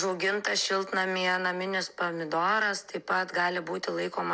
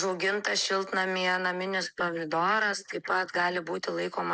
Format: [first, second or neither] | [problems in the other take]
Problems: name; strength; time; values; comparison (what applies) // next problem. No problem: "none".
first | noise reduction (neural mask model Resemble Enhance denoiser)